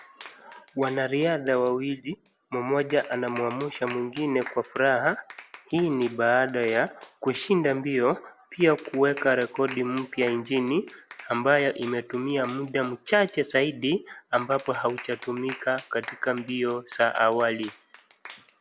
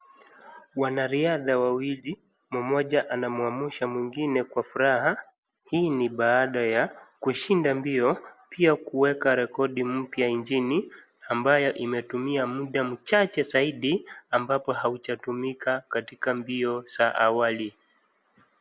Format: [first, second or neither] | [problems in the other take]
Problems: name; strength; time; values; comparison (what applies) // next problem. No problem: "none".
second | background sound (Clapping); 20 dB below the speech